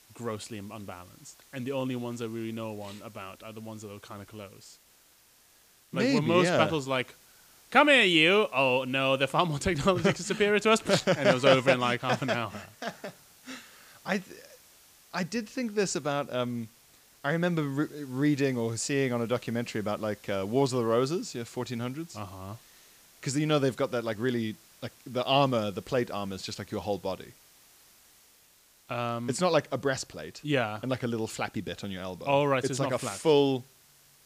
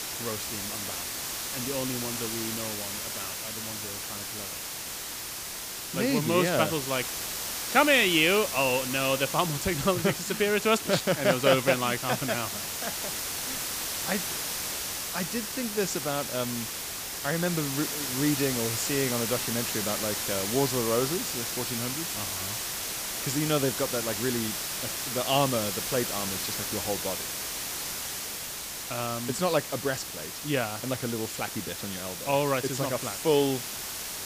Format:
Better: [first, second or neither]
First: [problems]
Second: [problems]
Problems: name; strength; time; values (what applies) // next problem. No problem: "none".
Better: first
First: hiss; faint; throughout; 30 dB below the speech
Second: hiss; loud; throughout; 3 dB below the speech